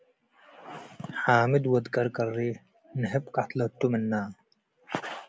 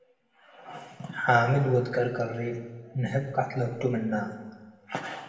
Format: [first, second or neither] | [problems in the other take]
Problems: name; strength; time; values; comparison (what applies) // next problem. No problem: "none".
first | room echo; dies away in 1.3 s